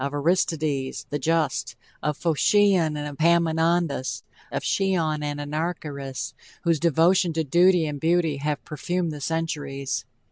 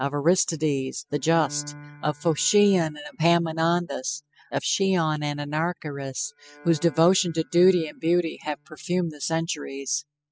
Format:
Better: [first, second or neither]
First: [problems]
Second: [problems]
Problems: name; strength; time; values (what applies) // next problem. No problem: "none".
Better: first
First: none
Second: noise reduction (classical method spectral subtraction)